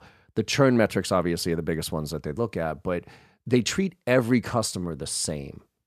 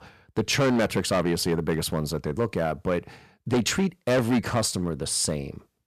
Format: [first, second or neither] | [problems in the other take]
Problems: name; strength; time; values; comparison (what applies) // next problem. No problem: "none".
first | distortion; heavy; 8% of the sound clipped